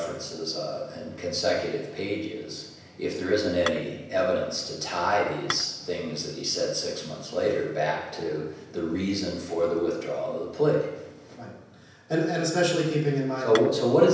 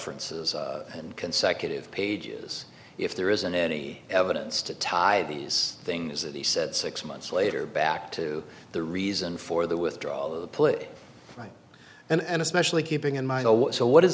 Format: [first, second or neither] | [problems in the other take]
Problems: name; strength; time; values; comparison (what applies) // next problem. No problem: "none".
second | background sound (Dishes, pots, and pans / Chink, clink); 8 dB below the speech // room echo; dies away in 0.9 s